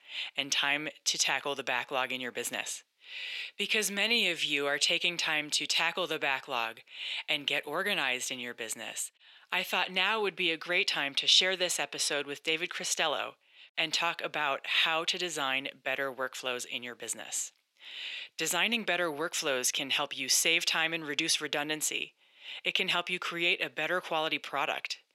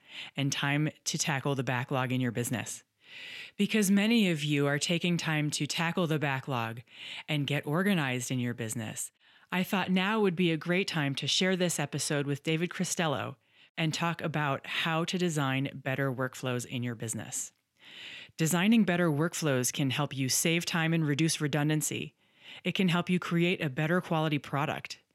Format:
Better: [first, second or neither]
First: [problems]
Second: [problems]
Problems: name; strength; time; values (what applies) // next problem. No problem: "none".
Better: second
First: thin; very; fading below 550 Hz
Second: none